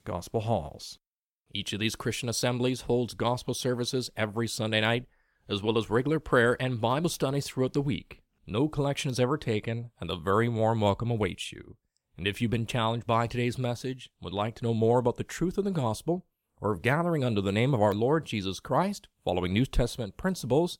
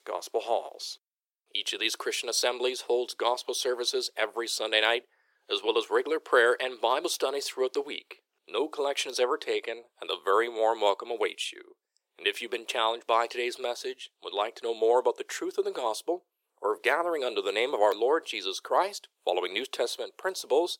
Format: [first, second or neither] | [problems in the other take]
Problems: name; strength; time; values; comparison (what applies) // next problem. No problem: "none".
first | thin; very; fading below 400 Hz